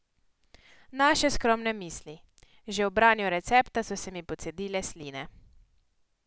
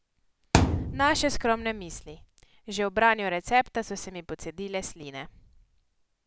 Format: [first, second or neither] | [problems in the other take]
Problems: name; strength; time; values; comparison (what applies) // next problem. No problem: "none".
first | background sound (Thump, thud); 1 dB above the speech